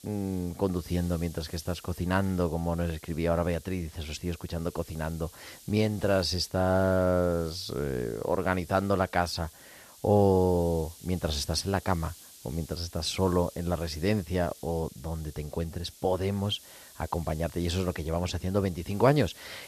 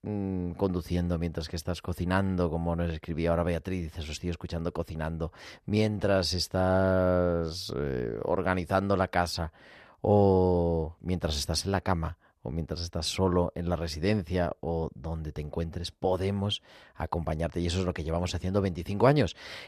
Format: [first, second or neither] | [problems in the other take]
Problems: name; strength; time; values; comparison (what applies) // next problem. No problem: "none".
second | hiss; noticeable; throughout; 20 dB below the speech